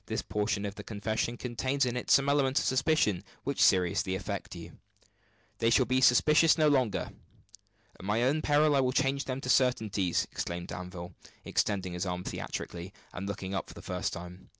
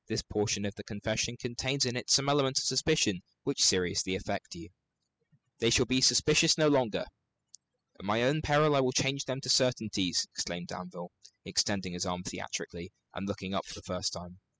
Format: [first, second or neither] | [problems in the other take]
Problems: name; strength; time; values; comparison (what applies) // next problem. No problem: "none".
first | noise reduction (classical method spectral subtraction)